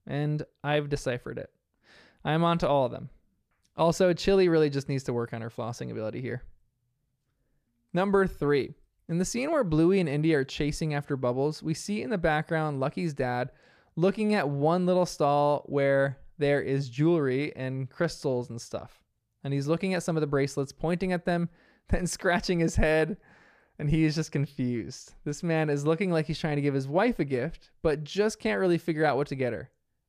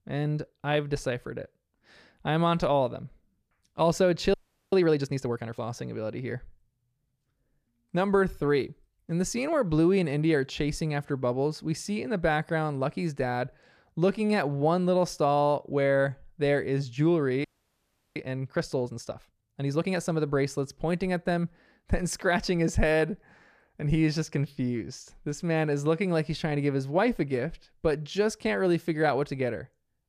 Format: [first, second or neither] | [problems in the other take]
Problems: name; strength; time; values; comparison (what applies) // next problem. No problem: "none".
first | audio freezing; at 4.5 s and at 17 s for 0.5 s